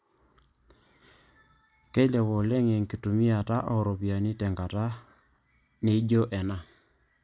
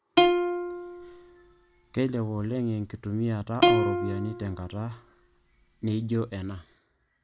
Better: first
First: none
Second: background sound (Plucked string instrument); 3 dB above the speech

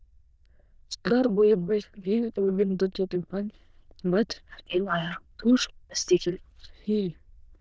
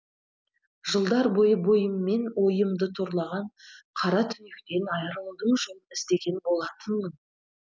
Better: second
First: noise reduction (neural diffusion model UNIVERSE++)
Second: none

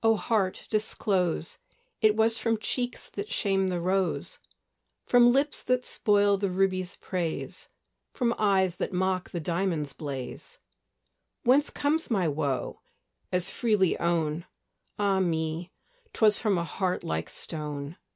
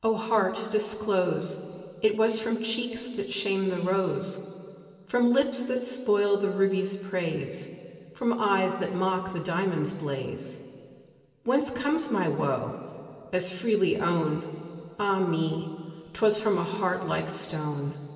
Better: first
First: none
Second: room echo; dies away in 2.9 s

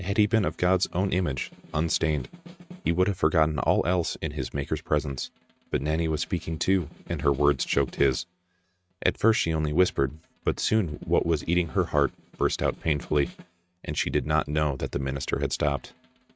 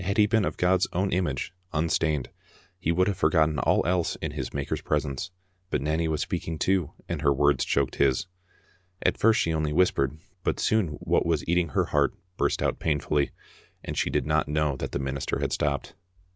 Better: second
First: noise reduction (neural mask model RNNoise)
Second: none

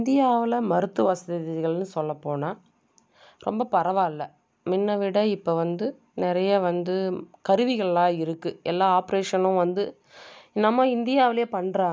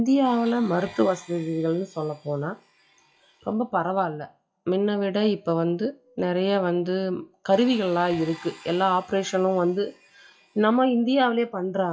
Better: first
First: none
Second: noise reduction (classical method WPE with log-MMSE)

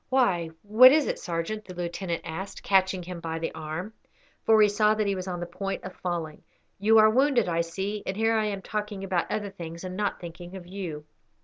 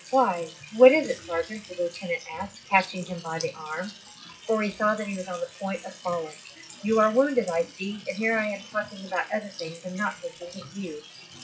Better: first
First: none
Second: noise reduction (classical method WPE with log-MMSE)

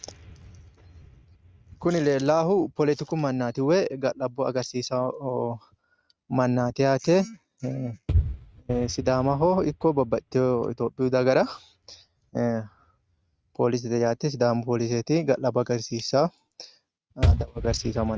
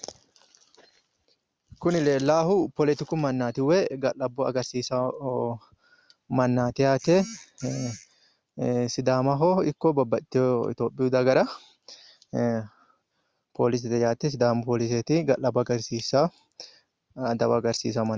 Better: second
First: noise reduction (neural mask model RNNoise)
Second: none

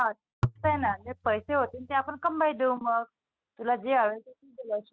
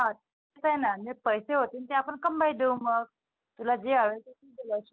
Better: second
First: noise reduction (neural mask model RNNoise)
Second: none

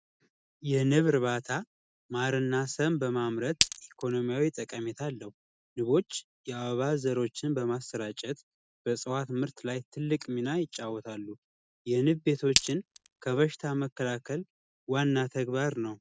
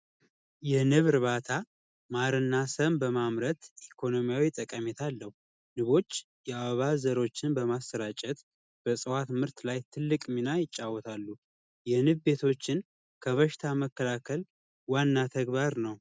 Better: second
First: background sound (Glass); 2 dB below the speech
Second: none

